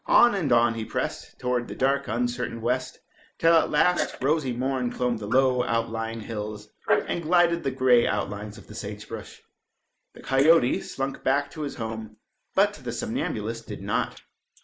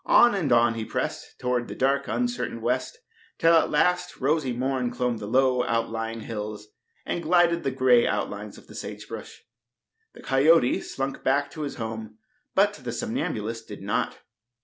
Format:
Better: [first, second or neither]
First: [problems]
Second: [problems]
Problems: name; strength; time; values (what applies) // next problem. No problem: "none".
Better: second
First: noise reduction (neural mask model Resemble Enhance denoiser)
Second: none